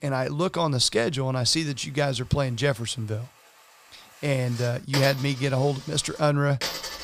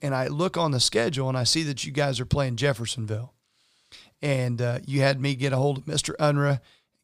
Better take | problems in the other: second | household noises; loud; throughout; 9 dB below the speech

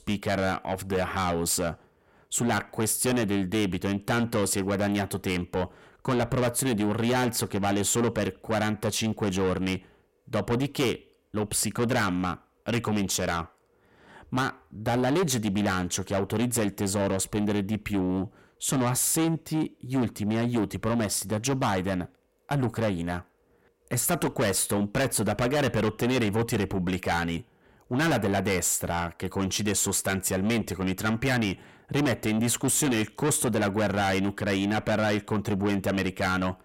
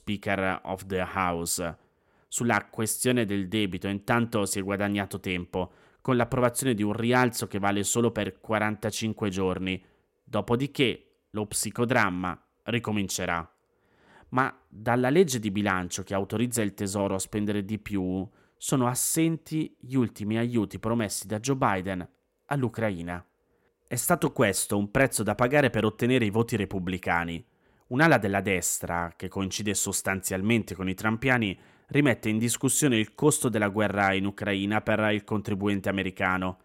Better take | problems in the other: second | distortion; heavy; 6 dB below the speech

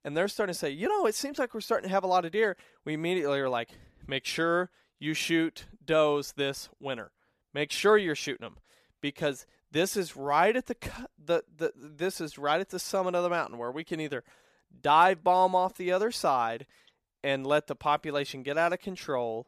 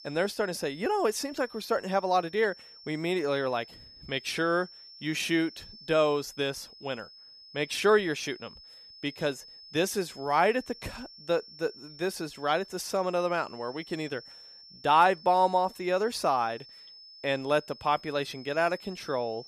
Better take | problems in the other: first | high-pitched whine; noticeable; throughout; 5.5 kHz, 20 dB below the speech

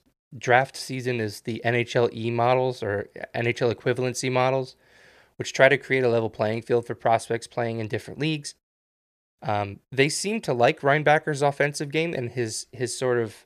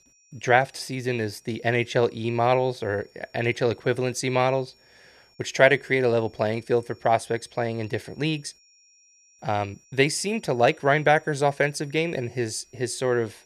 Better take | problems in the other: first | high-pitched whine; faint; throughout; 5.5 kHz, 30 dB below the speech

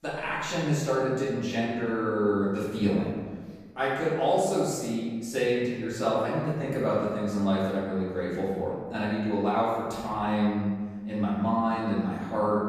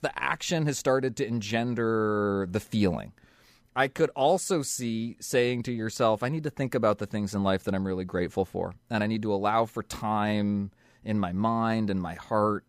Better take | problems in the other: second | off-mic speech; far // room echo; strong; dies away in 1.4 s

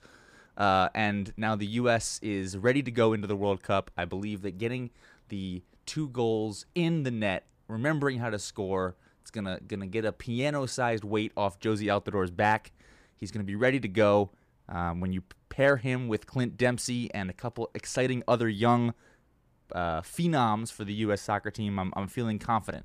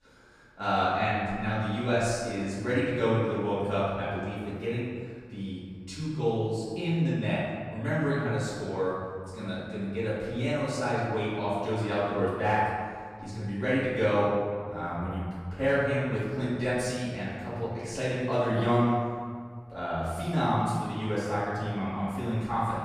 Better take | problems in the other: first | room echo; strong; dies away in 1.7 s // off-mic speech; far

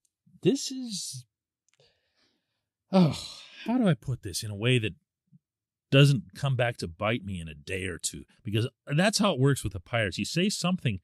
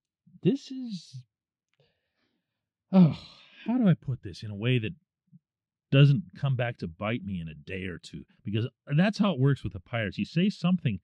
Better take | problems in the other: first | muffled; slightly; fading above 3 kHz

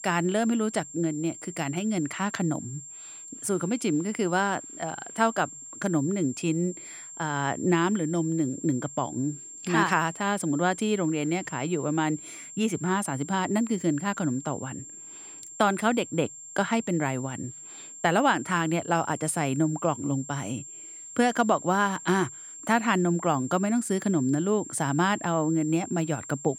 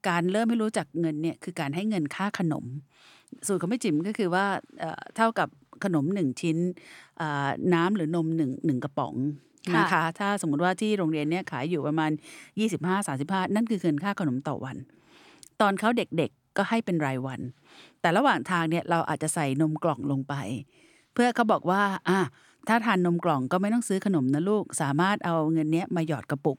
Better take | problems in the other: second | high-pitched whine; noticeable; throughout; 7.5 kHz, 15 dB below the speech

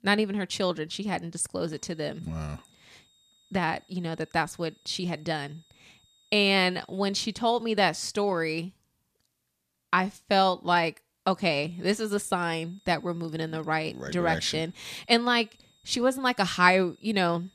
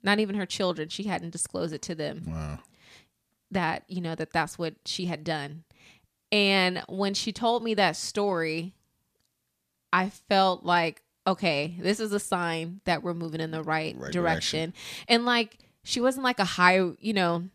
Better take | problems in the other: second | high-pitched whine; faint; from 1.5 to 7.5 s and from 12 s on; 3.5 kHz, 35 dB below the speech

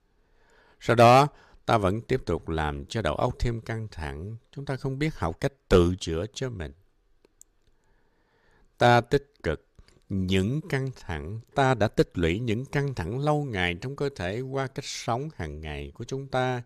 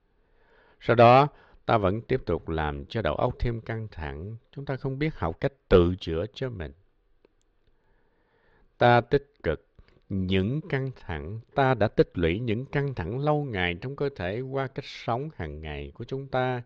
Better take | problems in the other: first | muffled; slightly; fading above 4 kHz

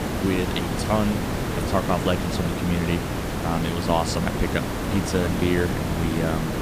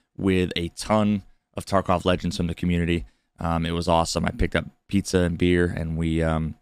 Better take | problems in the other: second | hiss; loud; throughout; 1 dB below the speech

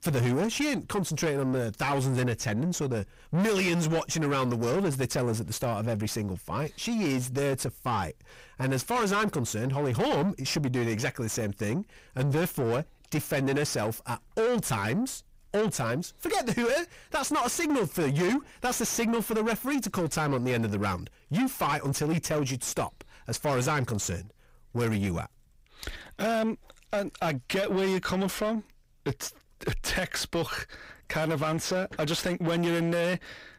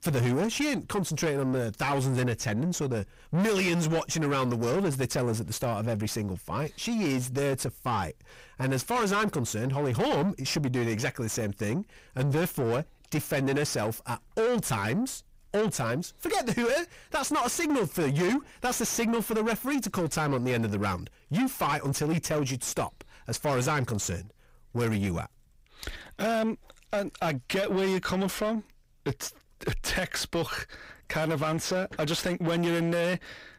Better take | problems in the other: neither | distortion; heavy; 6 dB below the speech; the same in both

